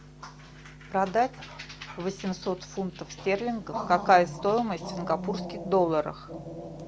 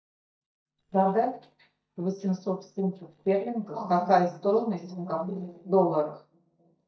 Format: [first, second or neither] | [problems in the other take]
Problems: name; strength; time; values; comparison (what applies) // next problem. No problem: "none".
first | noise reduction (neural mask model DeepFilterNet 3)